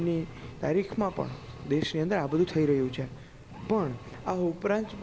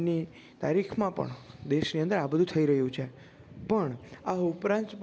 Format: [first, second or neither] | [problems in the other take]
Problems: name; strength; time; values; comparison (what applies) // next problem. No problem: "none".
second | background sound (Engine); 16 dB below the speech